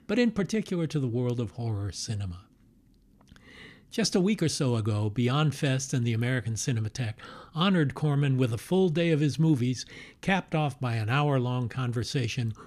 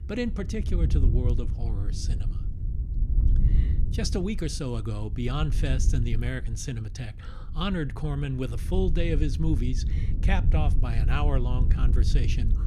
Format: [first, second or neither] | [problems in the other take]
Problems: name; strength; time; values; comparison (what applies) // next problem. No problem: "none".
first | low rumble; loud; throughout; 10 dB below the speech